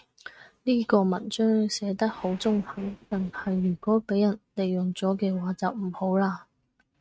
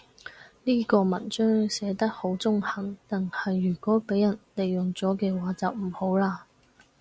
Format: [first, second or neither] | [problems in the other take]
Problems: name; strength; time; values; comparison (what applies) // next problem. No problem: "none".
second | noise reduction (neural mask model RNNoise)